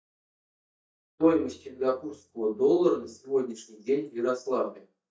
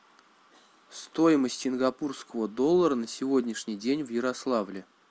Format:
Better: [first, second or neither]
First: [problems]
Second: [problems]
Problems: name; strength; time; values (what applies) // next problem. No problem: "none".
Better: second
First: noise reduction (neural mask model DeepFilterNet 3)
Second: none